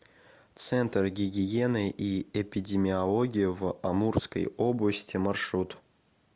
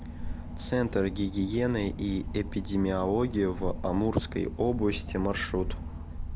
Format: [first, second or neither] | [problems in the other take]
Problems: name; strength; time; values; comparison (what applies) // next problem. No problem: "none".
first | background sound (Engine / Boat, Water vehicle); 7 dB below the speech